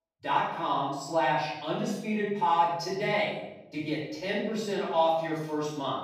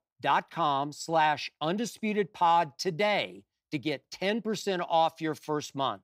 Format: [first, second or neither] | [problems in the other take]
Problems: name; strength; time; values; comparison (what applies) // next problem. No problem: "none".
second | off-mic speech; far // room echo; noticeable; dies away in 0.8 s